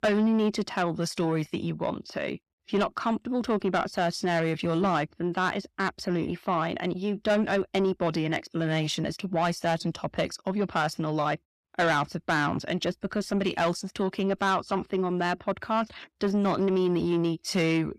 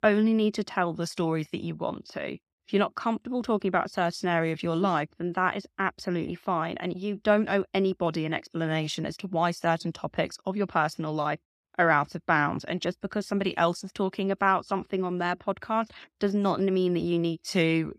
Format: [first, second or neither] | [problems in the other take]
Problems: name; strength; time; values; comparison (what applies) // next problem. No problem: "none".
second | distortion; slight; 10 dB below the speech